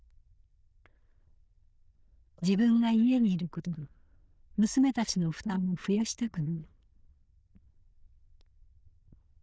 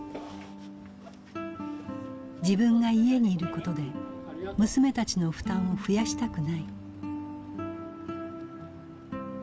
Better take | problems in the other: second | noise reduction (neural diffusion model UNIVERSE++)

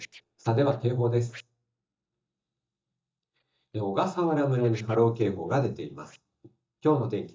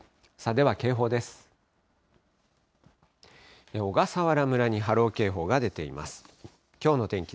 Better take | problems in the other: second | noise reduction (neural mask model DeepFilterNet 3)

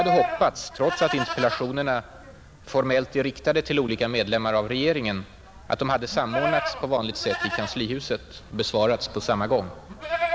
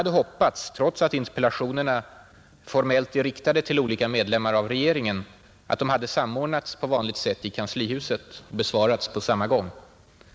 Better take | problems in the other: second | background sound (Livestock, farm animals, working animals); 7 dB below the speech

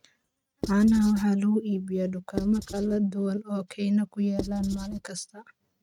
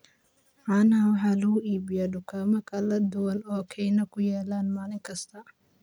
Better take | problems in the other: second | noise reduction (neural mask model RNNoise)

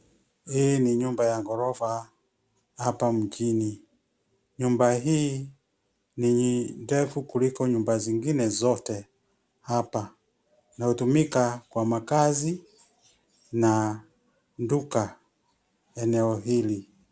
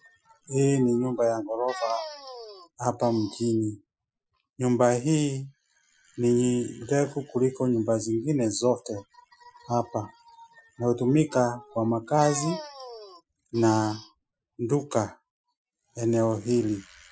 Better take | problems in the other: first | noise reduction (classical method Wiener filter)

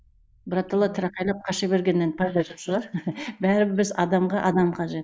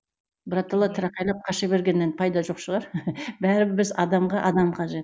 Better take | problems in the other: second | noise reduction (neural mask model Resemble Enhance denoiser)

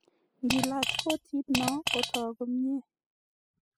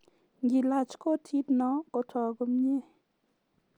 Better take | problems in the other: second | noise reduction (classical method spectral subtraction)

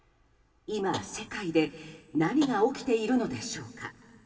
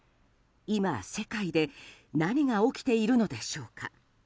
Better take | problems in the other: second | background sound (Tap); 16 dB below the speech // room echo; dies away in 2.6 s

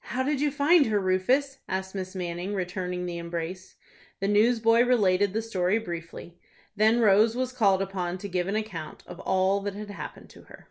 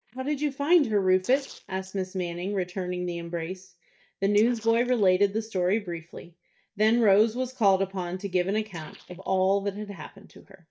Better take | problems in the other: first | noise reduction (neural mask model DeepFilterNet 3)

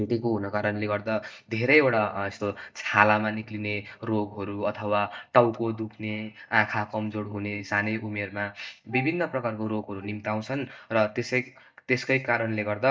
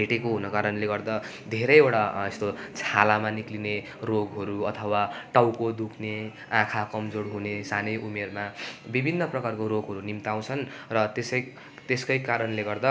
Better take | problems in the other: second | noise reduction (neural mask model DeepFilterNet 3)

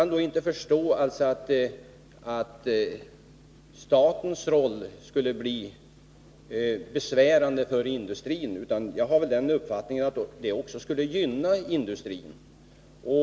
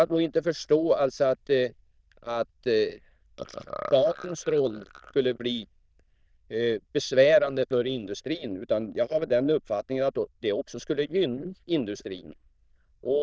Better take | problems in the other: first | noise reduction (neural diffusion model UNIVERSE++)

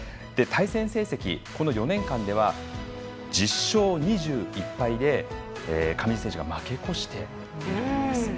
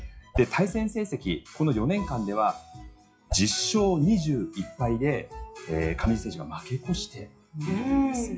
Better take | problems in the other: first | noise reduction (classical method WPE with log-MMSE)

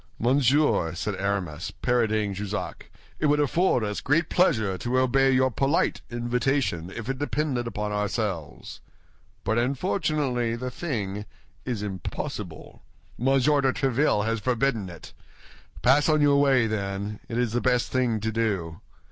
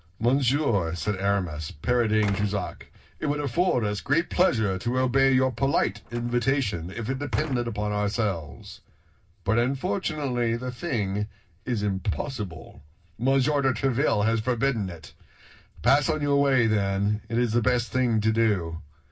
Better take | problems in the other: first | background sound (Slam); 18 dB below the speech // room echo; dies away in 0.4 s

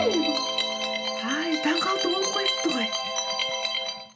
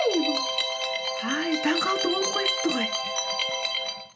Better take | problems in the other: second | background sound (Guitar); 17 dB below the speech

